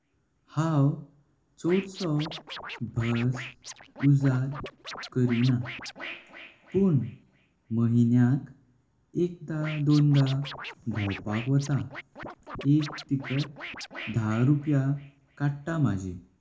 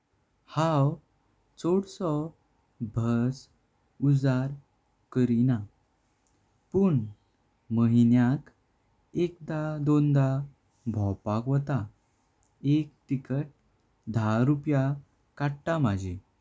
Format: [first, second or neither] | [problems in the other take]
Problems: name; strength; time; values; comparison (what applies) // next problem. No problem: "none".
second | background sound (Scratching (performance technique)); 16 dB below the speech // room echo; dies away in 0.3 s